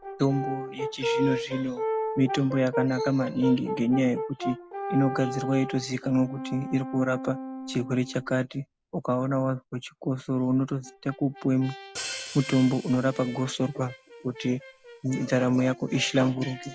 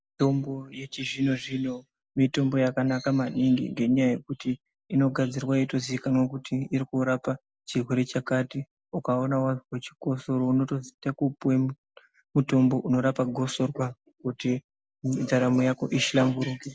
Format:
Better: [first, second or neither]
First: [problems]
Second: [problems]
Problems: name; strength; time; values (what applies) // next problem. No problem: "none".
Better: second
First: background sound (Hi-hat + Brass instrument); 9 dB below the speech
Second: none